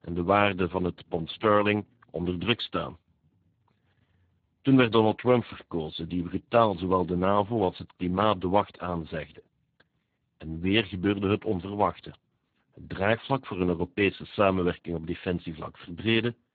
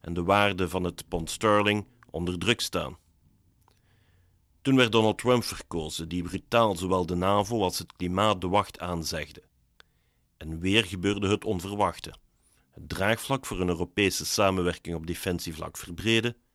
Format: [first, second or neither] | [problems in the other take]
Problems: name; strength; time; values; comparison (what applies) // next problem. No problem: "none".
second | garbled, watery; badly; nothing above 3.5 kHz